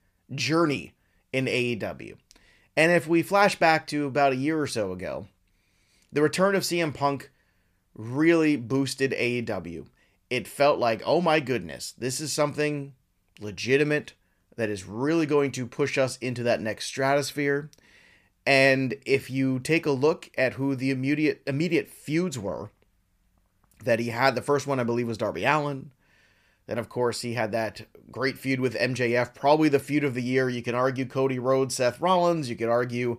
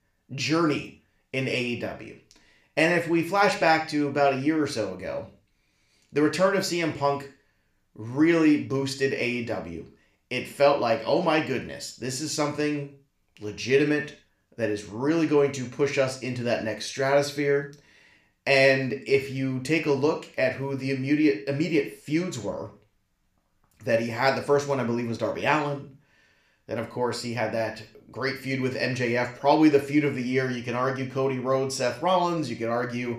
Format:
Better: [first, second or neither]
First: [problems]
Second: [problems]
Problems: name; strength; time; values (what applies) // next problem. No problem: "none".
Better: first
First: none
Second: room echo; slight; dies away in 0.4 s